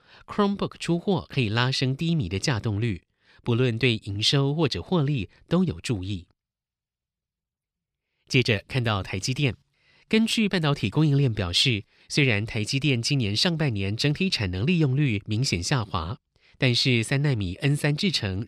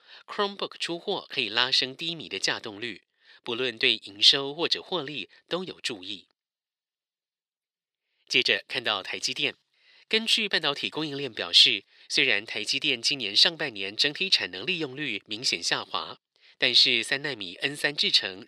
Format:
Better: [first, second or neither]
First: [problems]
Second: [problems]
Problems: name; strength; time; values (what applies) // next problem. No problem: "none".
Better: first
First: none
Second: thin; very; fading below 450 Hz